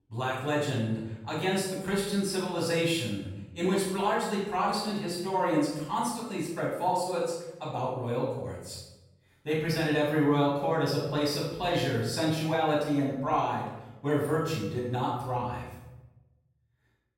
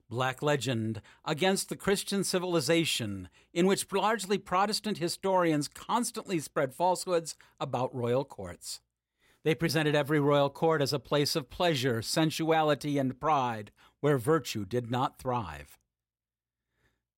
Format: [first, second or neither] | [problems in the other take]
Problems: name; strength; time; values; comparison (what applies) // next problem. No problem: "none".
second | off-mic speech; far // room echo; noticeable; dies away in 0.9 s